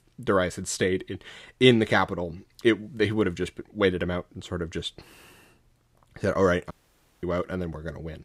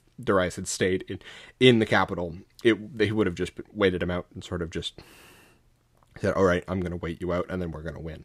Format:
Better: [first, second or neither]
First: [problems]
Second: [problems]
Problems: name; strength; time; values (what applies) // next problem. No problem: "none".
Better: second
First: audio cutting out; at 6.5 s for 0.5 s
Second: none